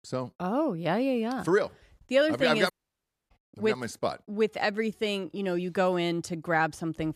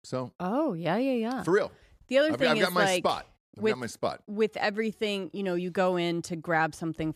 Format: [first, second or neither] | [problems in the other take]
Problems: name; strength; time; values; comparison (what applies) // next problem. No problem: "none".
second | audio cutting out; at 2.5 s for 0.5 s